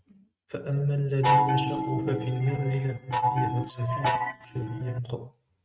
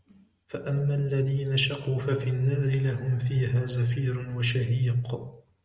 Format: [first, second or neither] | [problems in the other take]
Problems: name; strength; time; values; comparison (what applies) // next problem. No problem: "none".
second | noise reduction (neural mask model RNNoise)